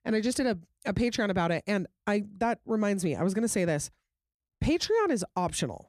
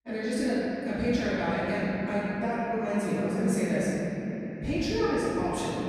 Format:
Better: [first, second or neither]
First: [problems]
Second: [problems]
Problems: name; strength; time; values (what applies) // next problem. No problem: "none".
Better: first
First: none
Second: off-mic speech; far // room echo; strong; dies away in 3 s